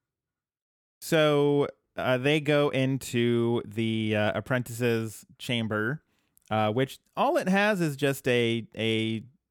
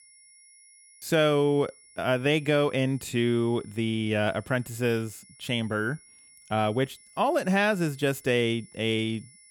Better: first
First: none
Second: high-pitched whine; faint; throughout; 10 kHz, 25 dB below the speech

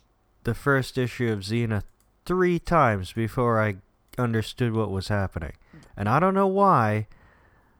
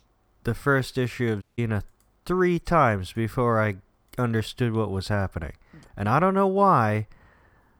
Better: first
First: none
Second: audio cutting out; at 1.5 s

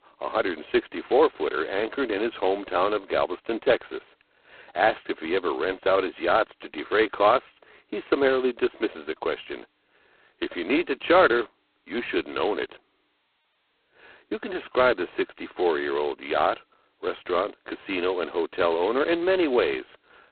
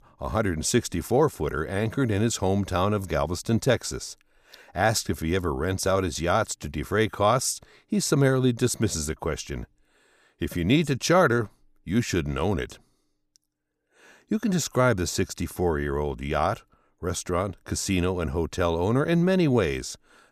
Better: second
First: phone-call audio; poor line; nothing above 4 kHz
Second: none

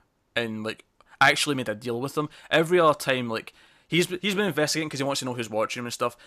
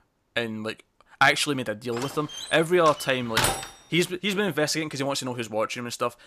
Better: first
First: none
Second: door banging; loud; from 2 to 3.5 s; peak 2 dB above the speech

